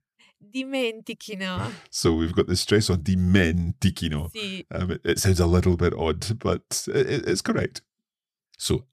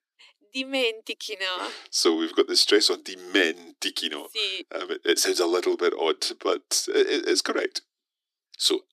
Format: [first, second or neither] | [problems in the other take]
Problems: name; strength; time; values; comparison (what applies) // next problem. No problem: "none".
first | thin; very; fading below 300 Hz